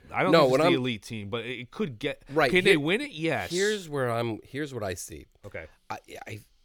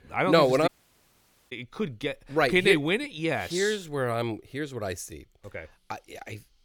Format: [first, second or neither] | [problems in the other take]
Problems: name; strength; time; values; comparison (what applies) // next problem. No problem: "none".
first | audio cutting out; at 0.5 s for 1 s